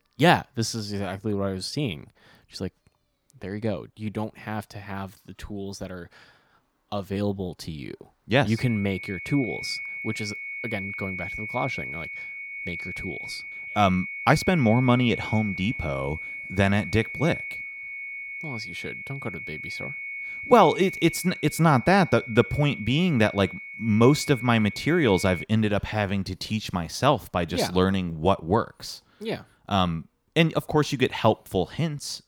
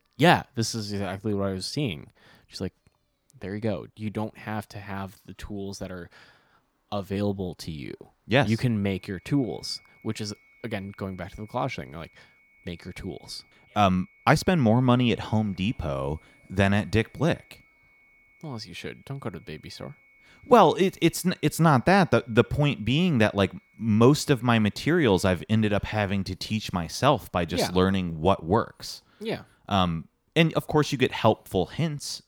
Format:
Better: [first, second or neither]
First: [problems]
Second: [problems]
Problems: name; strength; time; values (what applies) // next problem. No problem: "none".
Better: second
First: high-pitched whine; loud; from 8.5 to 25 s; 2 kHz, 9 dB below the speech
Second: high-pitched whine; faint; from 8.5 to 25 s; 2 kHz, 30 dB below the speech